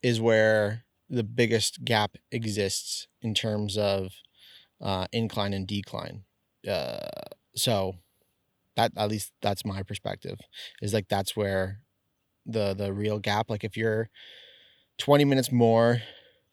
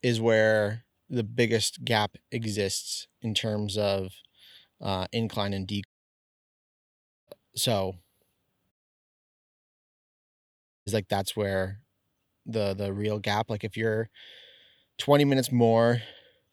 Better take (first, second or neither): first